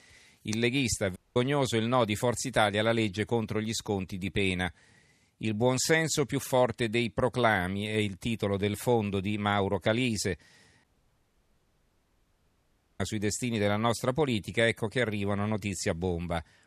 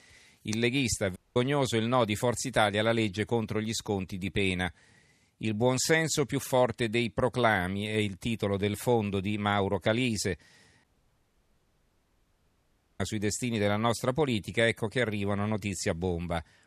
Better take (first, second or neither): neither